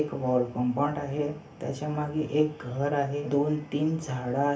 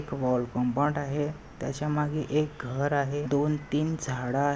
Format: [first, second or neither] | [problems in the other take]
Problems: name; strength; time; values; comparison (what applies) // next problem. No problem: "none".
second | room echo; dies away in 0.3 s